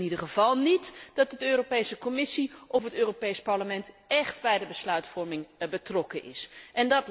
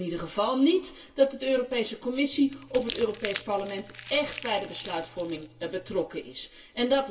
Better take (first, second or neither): first